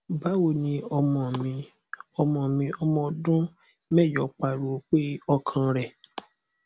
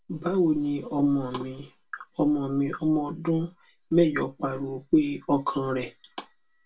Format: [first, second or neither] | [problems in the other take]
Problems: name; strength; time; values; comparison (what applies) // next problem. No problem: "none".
first | room echo; dies away in 0.2 s